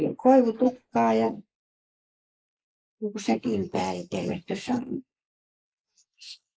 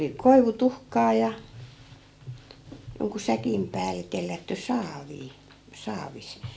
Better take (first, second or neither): second